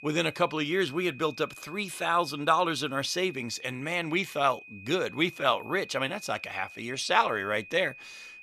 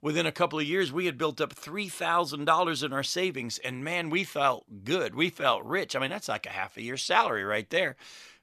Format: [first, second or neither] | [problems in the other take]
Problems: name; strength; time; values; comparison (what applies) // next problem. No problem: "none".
second | high-pitched whine; noticeable; throughout; 2.5 kHz, 15 dB below the speech